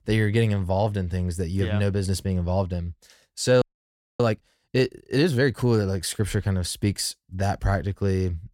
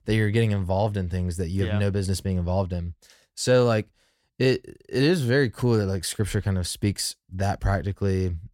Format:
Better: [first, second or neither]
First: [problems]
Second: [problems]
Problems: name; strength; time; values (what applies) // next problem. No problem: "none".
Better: second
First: audio freezing; at 3.5 s for 0.5 s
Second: none